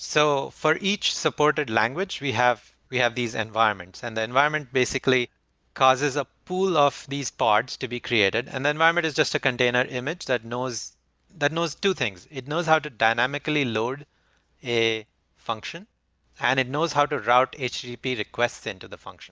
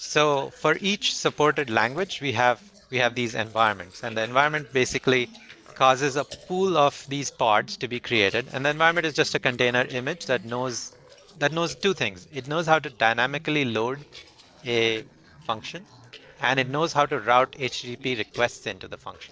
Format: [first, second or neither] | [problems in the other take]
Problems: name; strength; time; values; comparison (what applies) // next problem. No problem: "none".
first | noise reduction (neural separator model SepFormer DNS4)